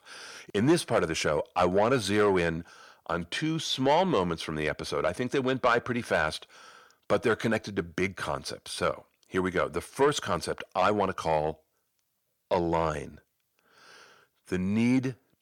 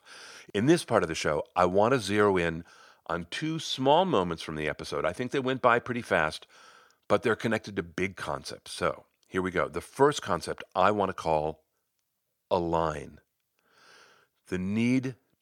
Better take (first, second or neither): second